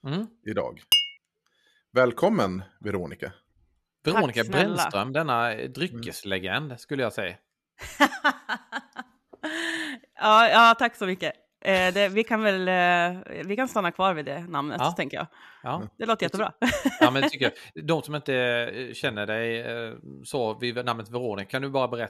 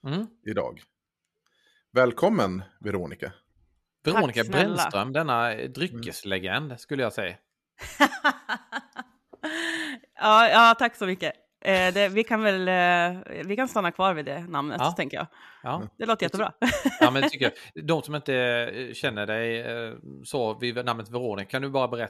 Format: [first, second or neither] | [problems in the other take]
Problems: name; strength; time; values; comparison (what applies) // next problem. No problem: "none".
second | clattering dishes; loud; at 1 s; peak 4 dB above the speech